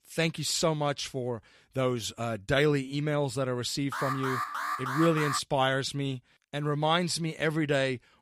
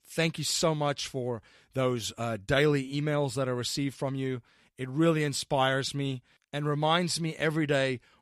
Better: second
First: alarm; noticeable; from 4 to 5.5 s; peak 3 dB below the speech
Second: none

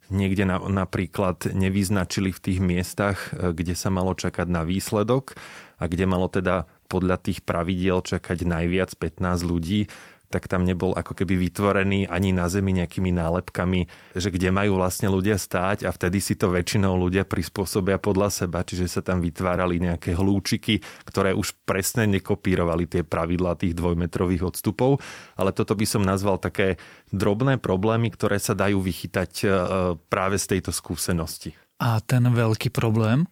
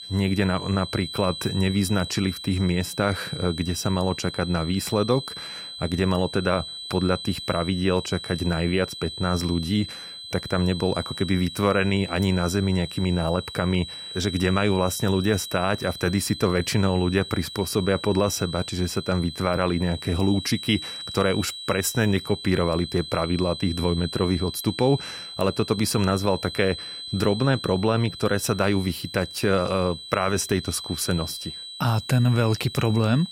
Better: first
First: none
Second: high-pitched whine; loud; throughout; 4 kHz, 10 dB below the speech

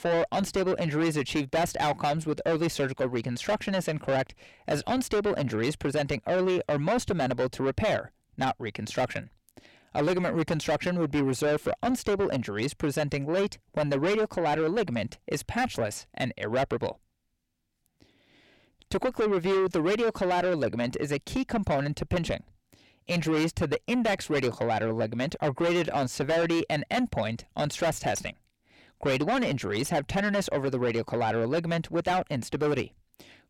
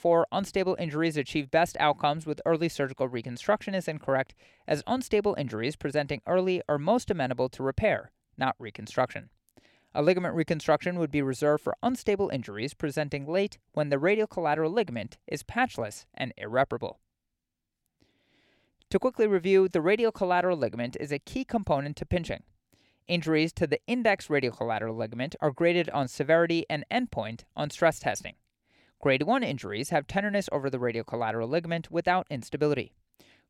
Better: second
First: distortion; heavy; 6 dB below the speech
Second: none

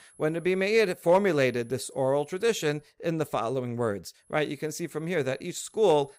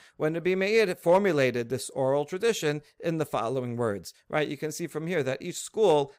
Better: second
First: high-pitched whine; faint; until 3 s and from 4.5 s on; 10.5 kHz, 30 dB below the speech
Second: none

